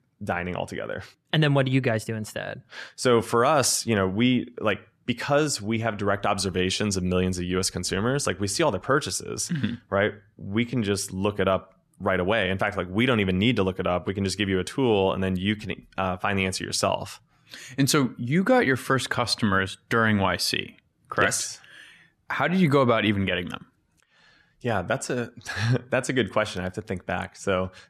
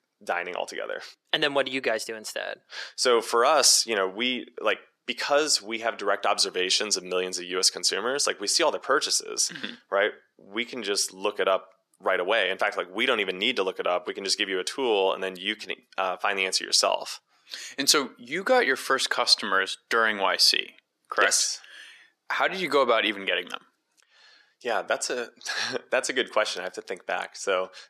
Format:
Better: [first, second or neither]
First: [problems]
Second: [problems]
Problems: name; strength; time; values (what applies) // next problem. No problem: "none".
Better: first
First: none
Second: thin; somewhat; fading below 400 Hz